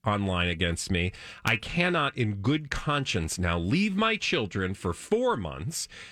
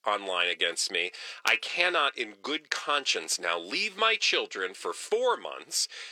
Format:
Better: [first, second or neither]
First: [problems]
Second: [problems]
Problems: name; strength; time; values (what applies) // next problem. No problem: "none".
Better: first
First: none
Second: thin; very; fading below 400 Hz